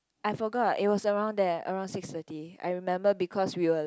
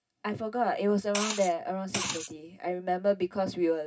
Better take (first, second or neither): first